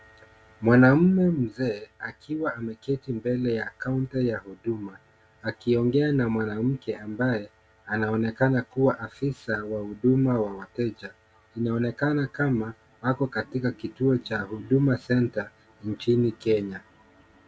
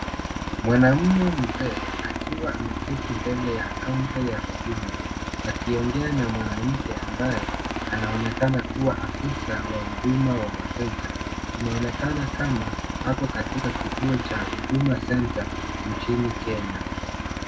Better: first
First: none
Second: background sound (Aircraft); 3 dB below the speech // room echo; dies away in 0.3 s

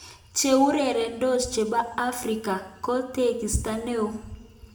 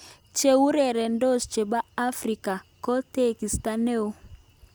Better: second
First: room echo; dies away in 0.7 s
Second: none

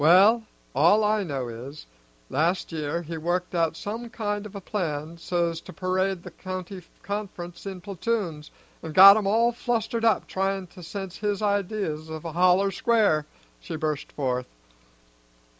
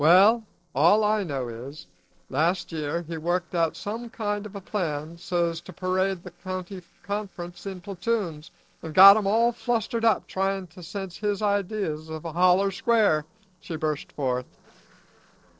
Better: first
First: none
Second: noise reduction (neural separator model SepFormer DNS4)

